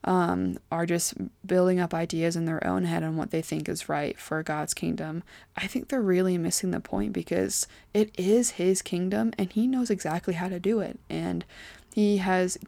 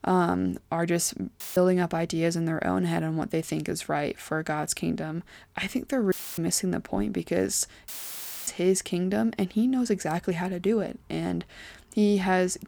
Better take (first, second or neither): first